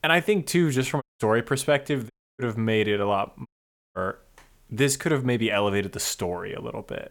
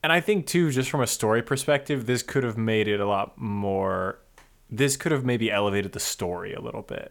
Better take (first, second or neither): second